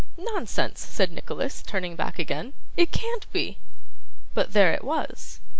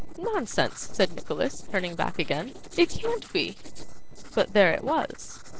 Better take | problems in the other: first | noise reduction (neural separator model SepFormer DNS4)

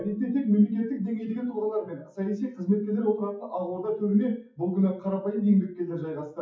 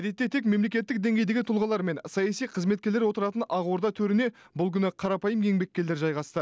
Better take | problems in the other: second | noise reduction (classical method WPE with log-MMSE)

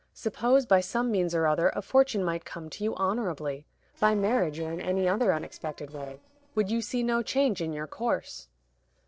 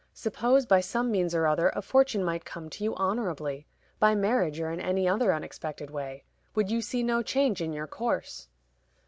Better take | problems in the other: second | noise reduction (neural separator model SepFormer DNS4)

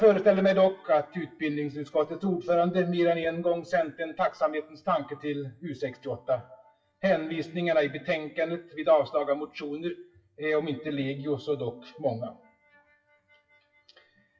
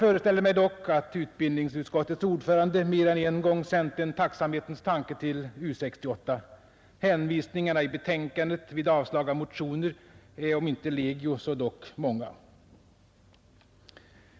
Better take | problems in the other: second | noise reduction (classical method WPE with log-MMSE)

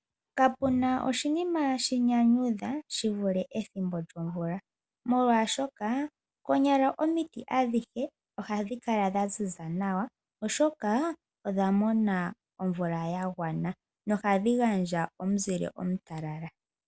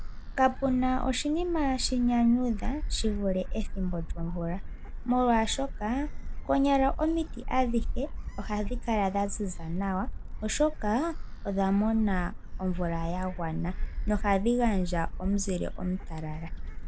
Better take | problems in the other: first | background sound (Gull, seagull); 4 dB below the speech

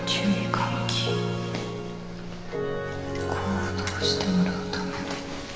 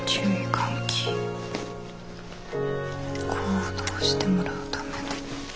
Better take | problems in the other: second | room echo; dies away in 2.5 s

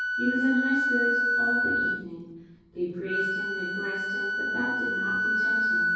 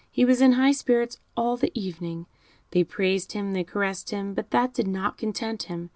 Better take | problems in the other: second | background sound (Wind instrument, woodwind instrument); 5 dB above the speech // room echo; dies away in 1.3 s

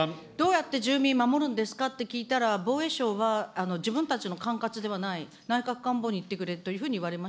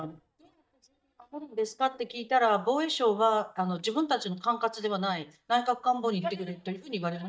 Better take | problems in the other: first | noise reduction (neural mask model DeepFilterNet 3)

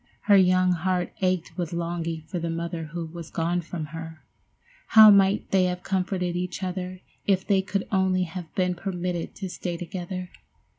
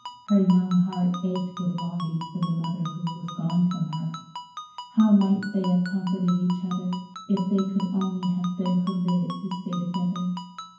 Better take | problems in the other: first | background sound (Ringtone); 15 dB below the speech // room echo; dies away in 0.9 s

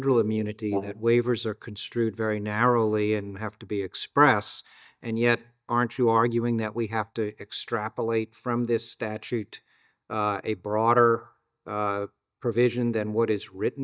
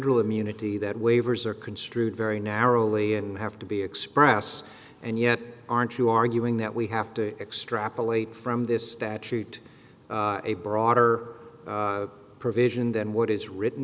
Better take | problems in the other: second | noise reduction (neural mask model DeepFilterNet 3)

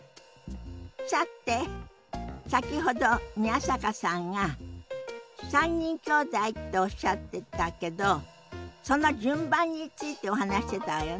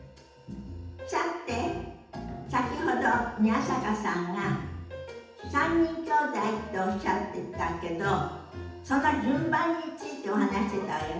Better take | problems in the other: first | room echo; dies away in 0.8 s

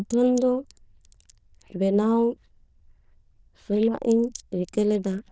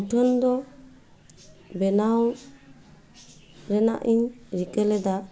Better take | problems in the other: second | noise reduction (neural diffusion model UNIVERSE++)

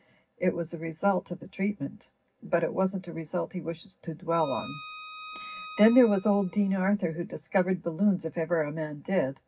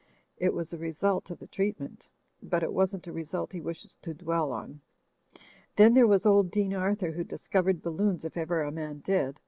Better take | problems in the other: second | background sound (Bowed string instrument); 16 dB below the speech // room echo; dies away in 0.4 s

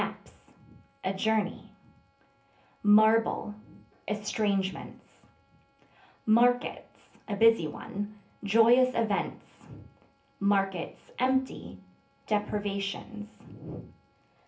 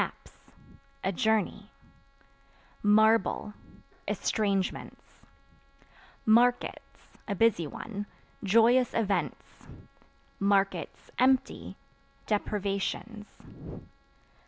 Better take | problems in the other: second | room echo; dies away in 0.3 s

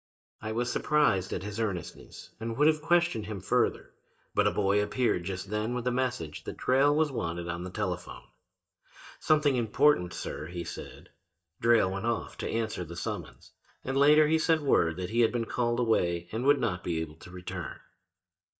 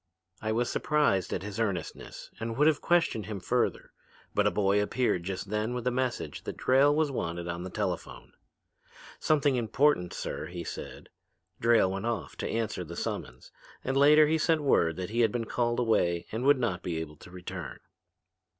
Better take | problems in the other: second | noise reduction (neural mask model DeepFilterNet 3)

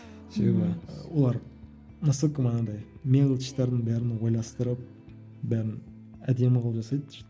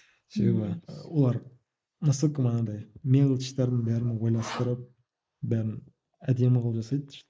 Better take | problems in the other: first | noise reduction (neural mask model Resemble Enhance denoiser)

